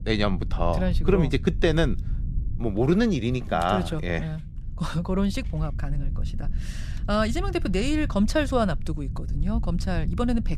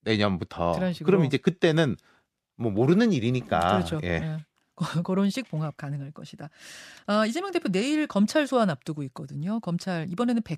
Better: second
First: low rumble; faint; throughout; 20 dB below the speech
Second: none

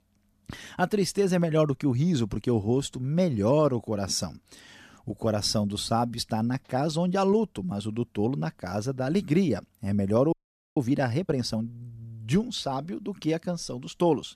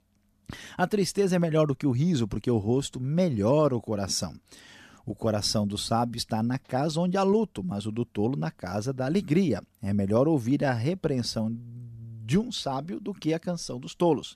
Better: second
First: audio freezing; at 10 s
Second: none

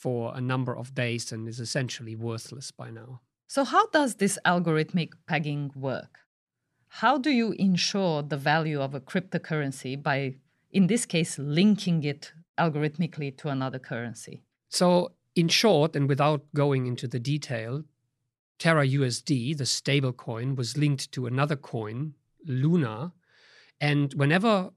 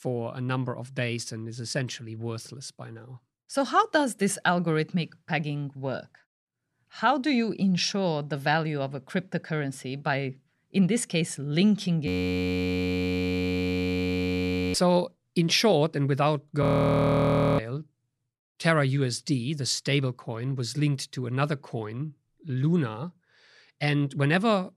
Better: first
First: none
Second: audio freezing; at 12 s for 2.5 s and at 17 s for 1 s

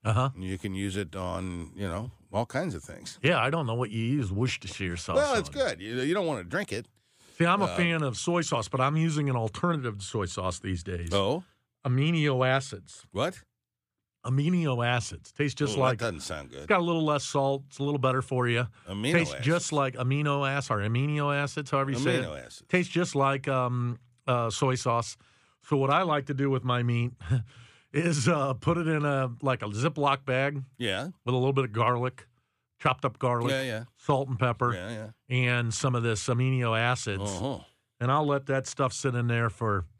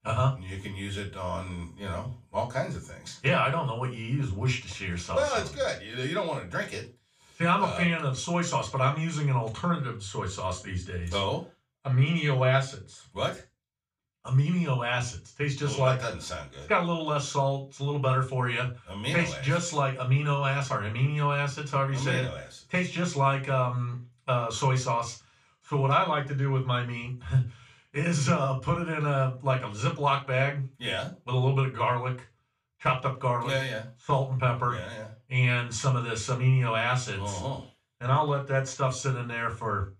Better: first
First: none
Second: room echo; very slight; dies away in 0.2 s // off-mic speech; far

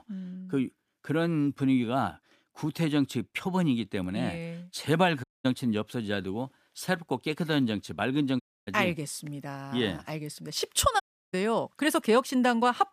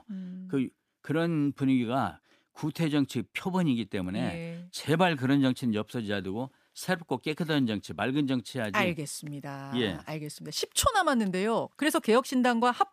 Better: second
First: audio cutting out; at 5 s, at 8.5 s and at 11 s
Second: none

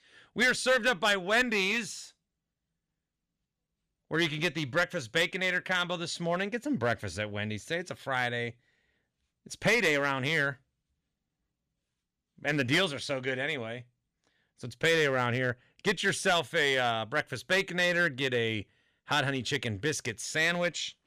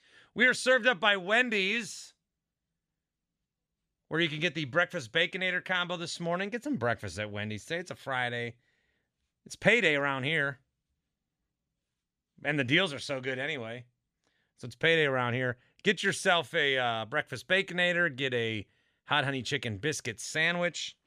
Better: second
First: distortion; slight; 3% of the sound clipped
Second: none

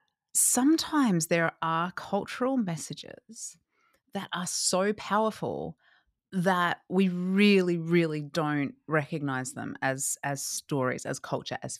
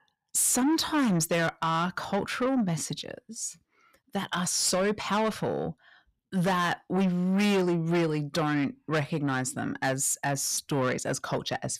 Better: first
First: none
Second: distortion; heavy; 8 dB below the speech

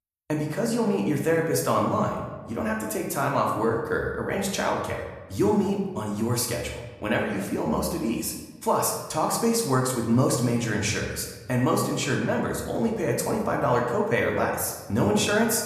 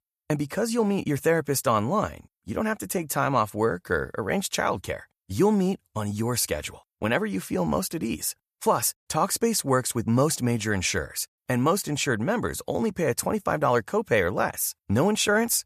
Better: second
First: room echo; noticeable; dies away in 1 s // off-mic speech; somewhat distant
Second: none

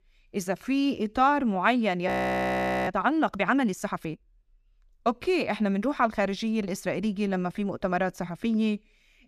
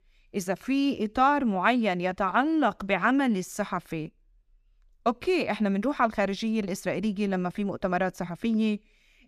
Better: second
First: audio freezing; at 2 s for 1 s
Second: none

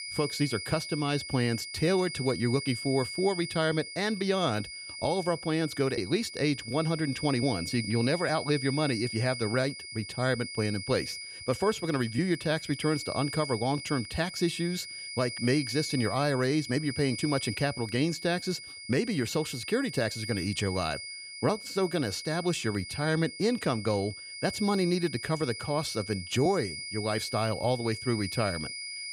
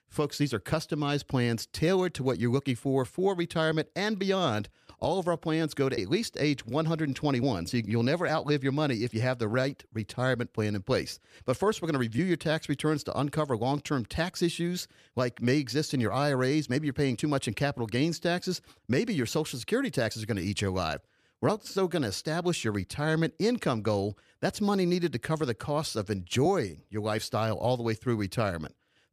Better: second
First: high-pitched whine; loud; throughout; 2 kHz, 8 dB below the speech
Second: none

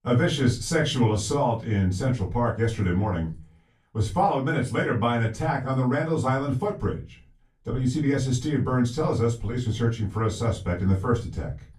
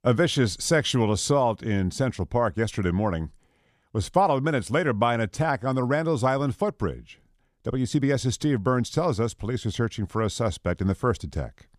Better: second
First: off-mic speech; far // room echo; slight; dies away in 0.2 s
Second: none

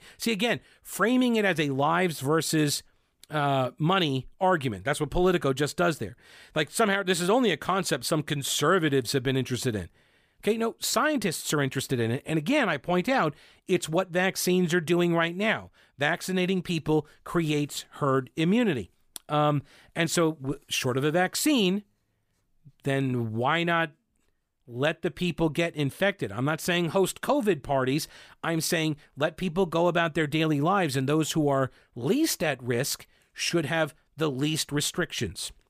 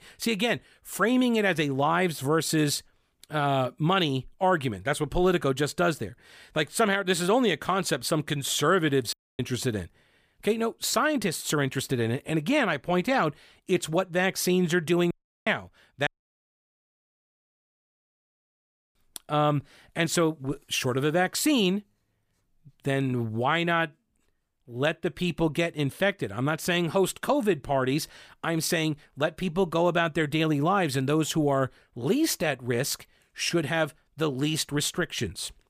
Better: first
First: none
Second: audio cutting out; at 9 s, at 15 s and at 16 s for 3 s

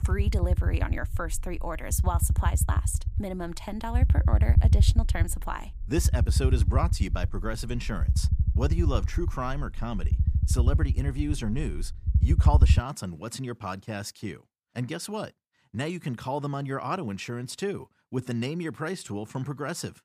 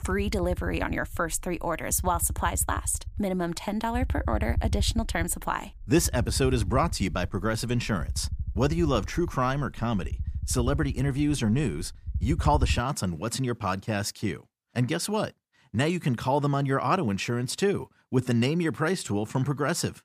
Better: second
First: low rumble; loud; until 13 s; 8 dB below the speech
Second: low rumble; faint; until 13 s; 20 dB below the speech

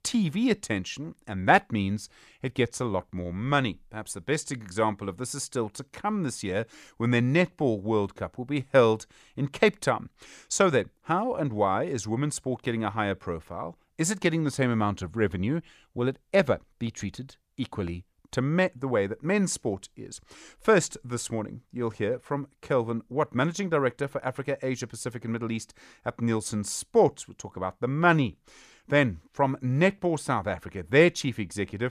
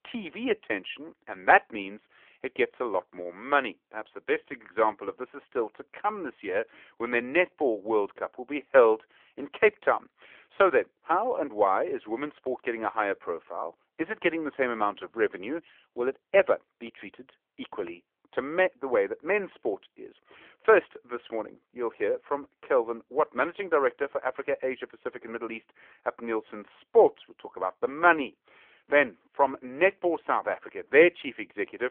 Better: first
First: none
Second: phone-call audio

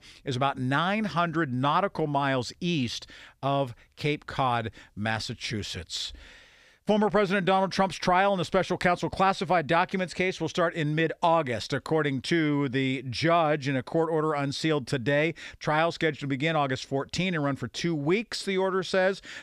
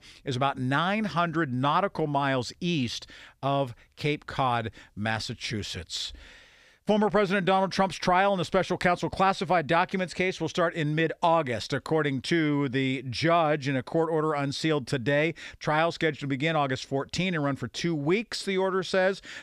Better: neither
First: none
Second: none

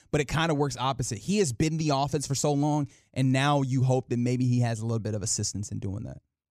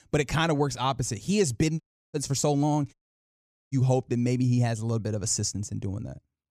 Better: first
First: none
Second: audio cutting out; at 2 s and at 3 s for 1 s

